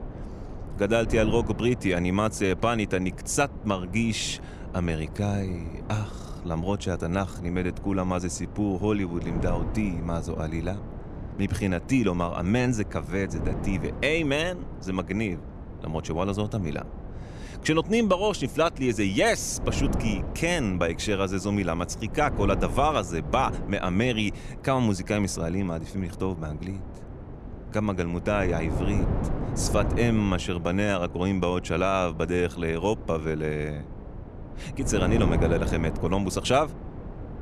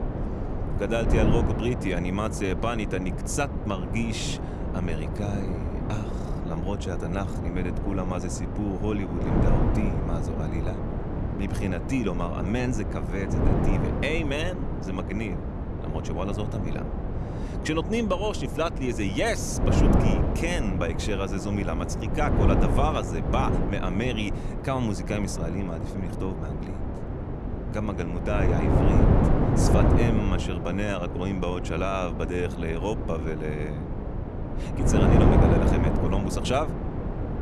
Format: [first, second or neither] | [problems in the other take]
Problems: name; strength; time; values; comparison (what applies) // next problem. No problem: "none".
first | wind noise on the microphone; heavy; 2 dB below the speech; occasional gusts in the first